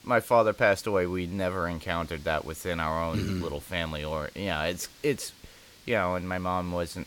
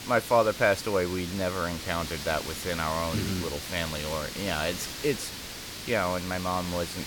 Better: first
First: hiss; faint; throughout; 25 dB below the speech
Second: hiss; loud; throughout; 7 dB below the speech

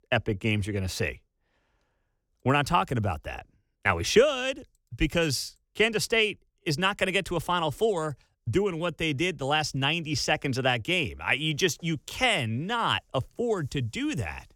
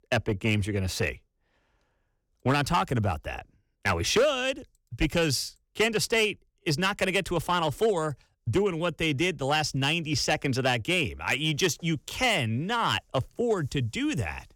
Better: first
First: none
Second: distortion; slight; 3% of the sound clipped

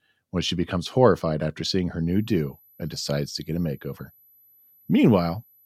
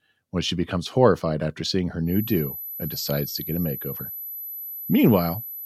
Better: first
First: high-pitched whine; faint; from 2 s on; 12 kHz, 30 dB below the speech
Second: high-pitched whine; loud; from 2 s on; 12 kHz, 8 dB below the speech

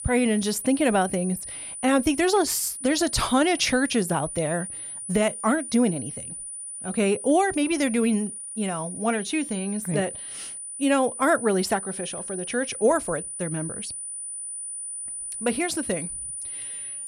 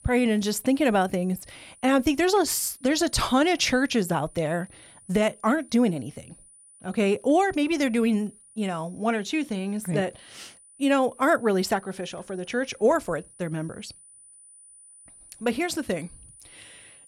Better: second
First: high-pitched whine; loud; throughout; 9.5 kHz, 8 dB below the speech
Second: high-pitched whine; faint; throughout; 9.5 kHz, 25 dB below the speech

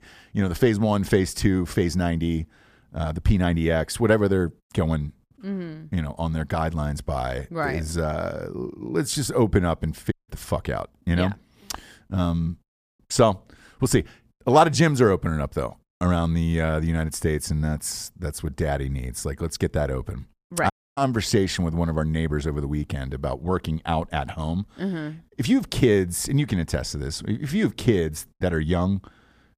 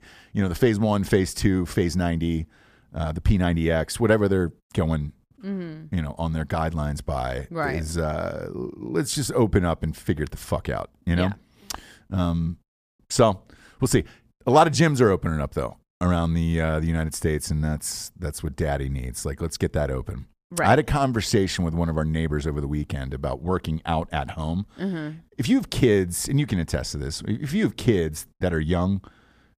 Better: second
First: audio cutting out; at 10 s and at 21 s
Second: none

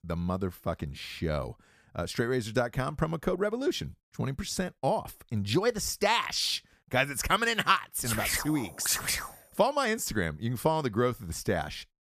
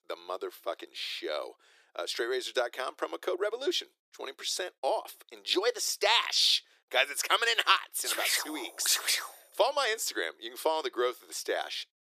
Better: first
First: none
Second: thin; very; fading below 350 Hz

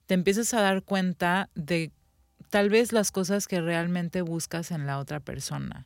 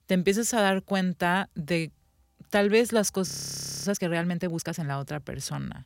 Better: first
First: none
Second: audio freezing; at 3.5 s for 0.5 s

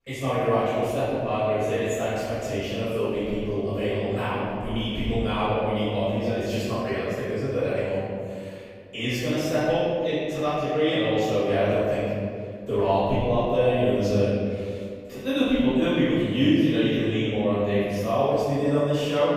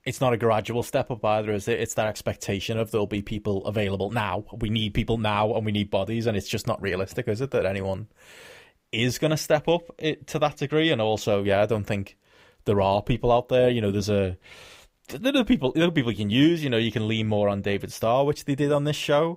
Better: second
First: off-mic speech; far // room echo; strong; dies away in 2 s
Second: none

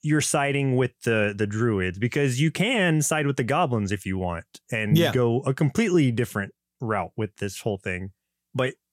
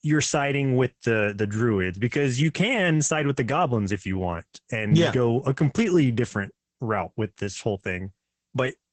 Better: first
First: none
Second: garbled, watery; badly; nothing above 8 kHz

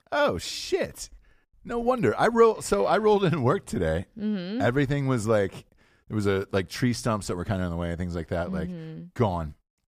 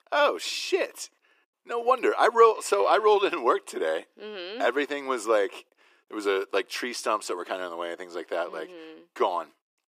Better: first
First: none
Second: thin; very; fading below 350 Hz

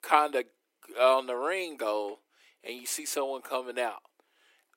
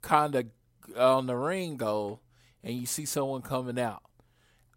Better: second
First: thin; somewhat; fading below 300 Hz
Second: none

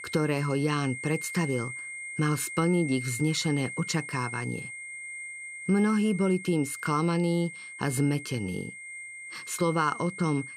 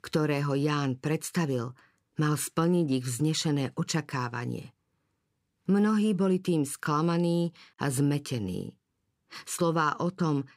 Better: second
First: high-pitched whine; loud; throughout; 2 kHz, 9 dB below the speech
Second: none

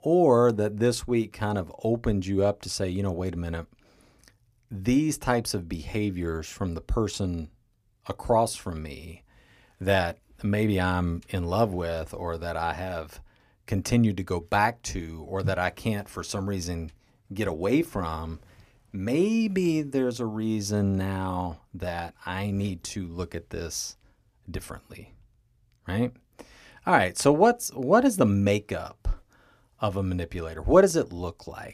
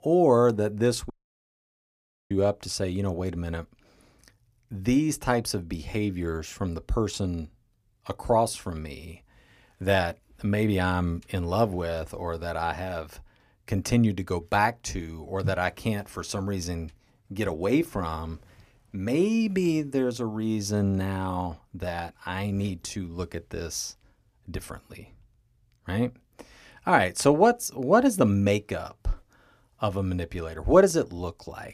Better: first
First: none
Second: audio cutting out; at 1 s for 1 s

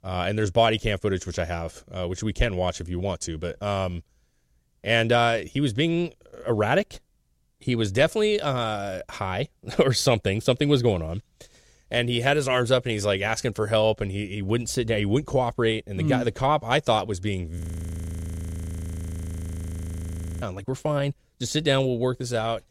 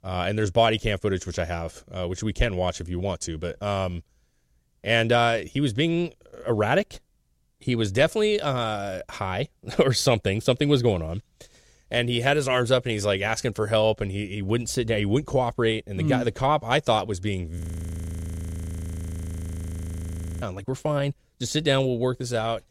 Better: neither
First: audio freezing; at 18 s for 3 s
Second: audio freezing; at 18 s for 3 s

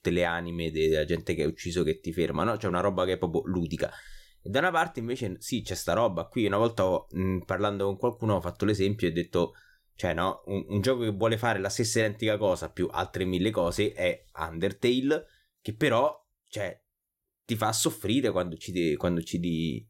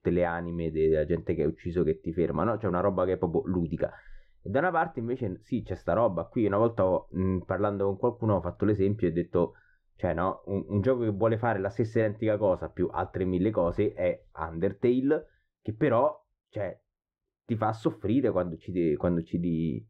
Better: first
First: none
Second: muffled; very; fading above 3.5 kHz

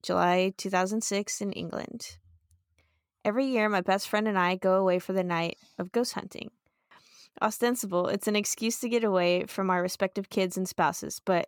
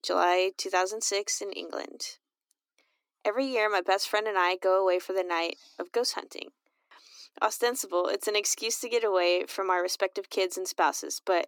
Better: first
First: none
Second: thin; somewhat; fading below 300 Hz

